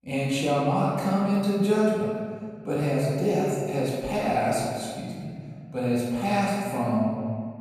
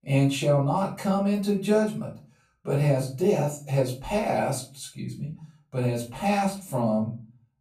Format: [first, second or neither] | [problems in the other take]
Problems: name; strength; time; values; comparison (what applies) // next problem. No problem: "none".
second | room echo; strong; dies away in 1.9 s; slight in the second // off-mic speech; far; far in the second